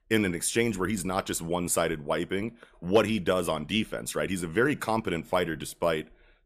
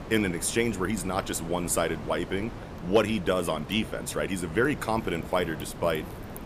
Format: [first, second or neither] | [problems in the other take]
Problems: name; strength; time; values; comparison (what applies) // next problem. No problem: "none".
first | wind noise on the microphone; occasional gusts; 15 dB below the speech